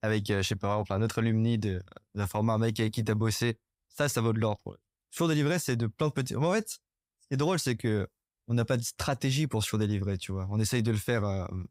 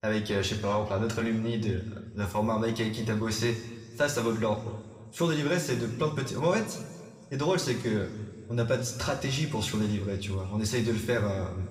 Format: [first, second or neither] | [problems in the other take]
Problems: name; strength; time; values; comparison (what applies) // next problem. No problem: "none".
first | room echo; slight; dies away in 1.7 s // off-mic speech; somewhat distant